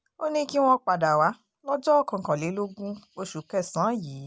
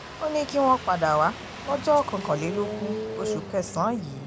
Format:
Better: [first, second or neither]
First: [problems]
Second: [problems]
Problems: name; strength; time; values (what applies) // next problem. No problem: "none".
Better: first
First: none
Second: background sound (Engine starting); 9 dB below the speech